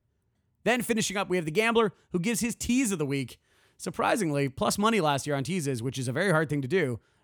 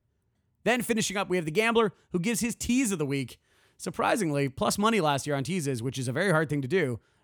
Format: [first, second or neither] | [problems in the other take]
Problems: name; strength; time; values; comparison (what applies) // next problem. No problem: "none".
neither | none